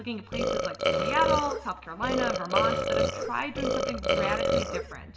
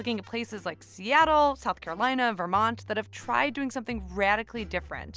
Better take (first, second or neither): second